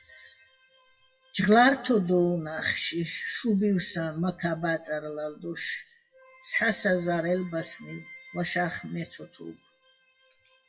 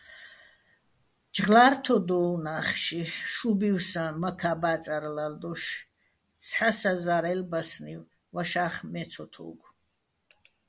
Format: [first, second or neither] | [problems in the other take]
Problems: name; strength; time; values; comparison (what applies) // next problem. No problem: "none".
second | noise reduction (classical method WPE with log-MMSE)